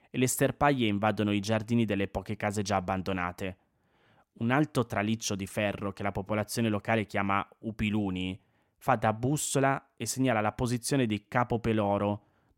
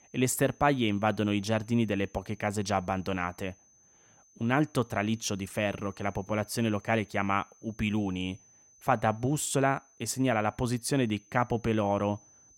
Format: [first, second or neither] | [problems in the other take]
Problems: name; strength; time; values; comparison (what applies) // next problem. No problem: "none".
first | high-pitched whine; faint; throughout; 6 kHz, 30 dB below the speech